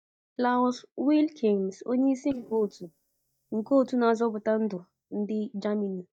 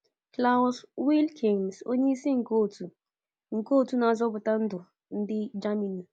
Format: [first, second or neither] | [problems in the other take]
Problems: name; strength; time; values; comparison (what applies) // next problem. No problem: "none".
second | noise reduction (neural mask model DeepFilterNet 3)